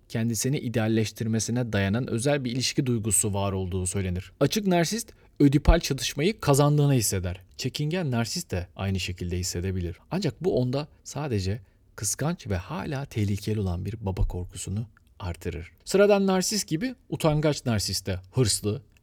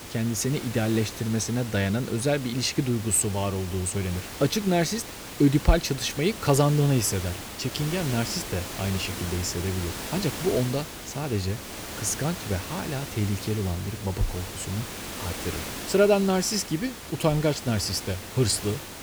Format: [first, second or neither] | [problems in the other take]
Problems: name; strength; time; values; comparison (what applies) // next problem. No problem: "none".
first | hiss; loud; throughout; 9 dB below the speech